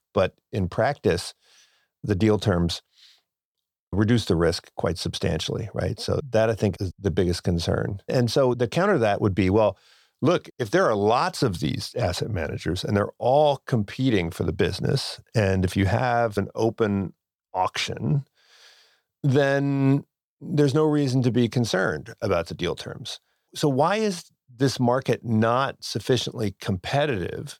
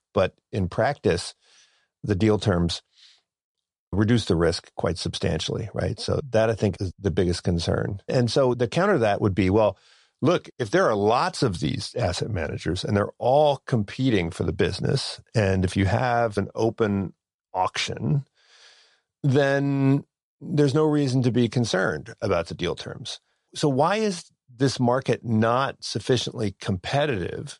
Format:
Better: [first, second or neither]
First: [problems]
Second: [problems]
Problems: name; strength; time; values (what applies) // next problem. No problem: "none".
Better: first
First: none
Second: garbled, watery; slightly; nothing above 10.5 kHz